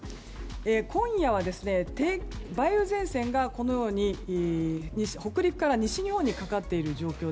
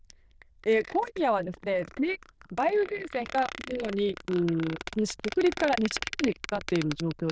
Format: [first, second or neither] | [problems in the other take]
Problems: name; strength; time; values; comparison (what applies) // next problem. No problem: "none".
first | noise reduction (neural diffusion model UNIVERSE++)